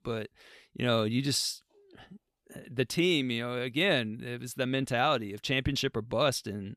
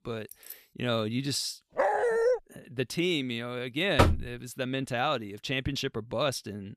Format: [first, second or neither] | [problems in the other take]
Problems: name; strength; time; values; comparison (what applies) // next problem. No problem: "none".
first | jangling keys; faint; at 0.5 s; peak 15 dB below the speech // dog barking; loud; at 2 s; peak 5 dB above the speech // door banging; loud; at 4 s; peak 6 dB above the speech